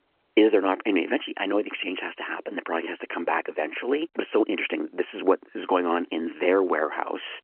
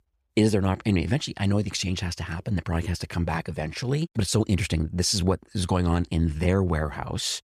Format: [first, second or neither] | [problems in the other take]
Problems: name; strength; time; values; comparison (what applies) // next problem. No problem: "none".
second | phone-call audio; nothing above 3 kHz